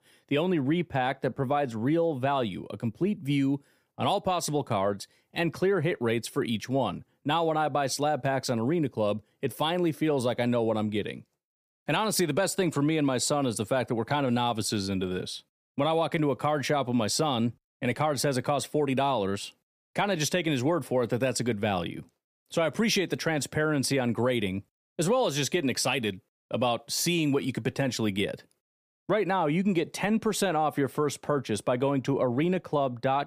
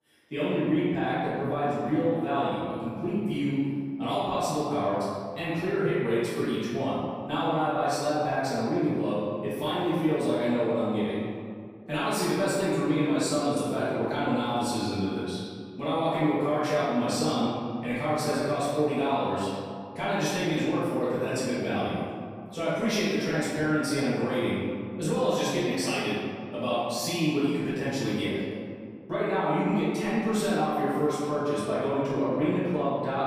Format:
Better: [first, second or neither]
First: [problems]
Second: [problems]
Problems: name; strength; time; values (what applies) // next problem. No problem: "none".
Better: first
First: none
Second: off-mic speech; far // room echo; strong; dies away in 2 s